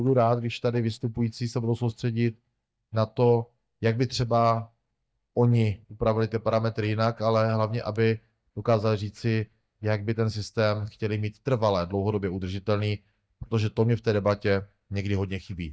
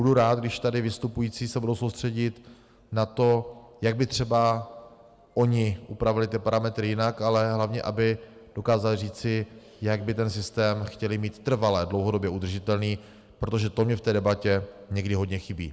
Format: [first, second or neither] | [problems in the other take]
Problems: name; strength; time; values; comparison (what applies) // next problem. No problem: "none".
second | noise reduction (neural mask model DeepFilterNet 3)